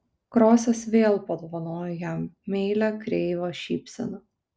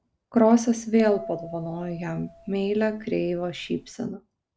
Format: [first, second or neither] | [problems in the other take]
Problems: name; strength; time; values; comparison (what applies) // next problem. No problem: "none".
first | background sound (Bell); 17 dB below the speech